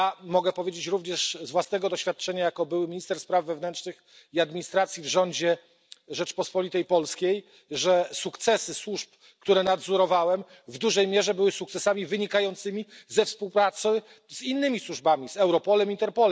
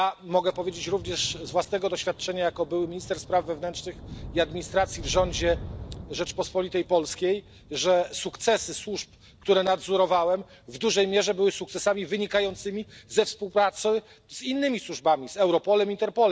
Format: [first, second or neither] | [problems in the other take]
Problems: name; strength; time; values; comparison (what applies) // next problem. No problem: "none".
first | background sound (Thunder / Rain); 18 dB below the speech